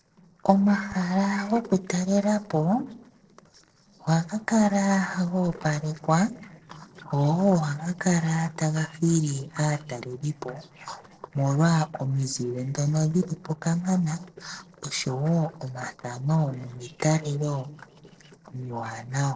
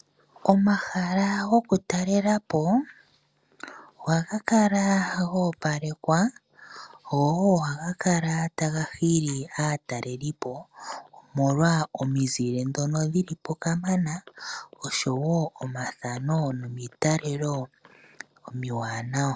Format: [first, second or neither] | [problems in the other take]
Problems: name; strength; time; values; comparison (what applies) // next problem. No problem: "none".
second | noise reduction (neural separator model SepFormer DNS4)